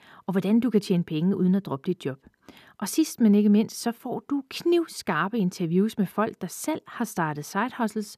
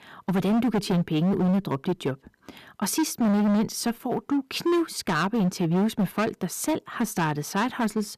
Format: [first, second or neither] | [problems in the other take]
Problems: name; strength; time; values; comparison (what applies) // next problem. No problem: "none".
first | distortion; heavy; 17% of the sound clipped